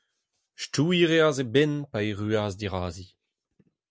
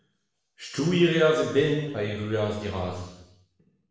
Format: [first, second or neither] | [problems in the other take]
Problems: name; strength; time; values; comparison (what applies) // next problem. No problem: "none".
first | room echo; dies away in 0.9 s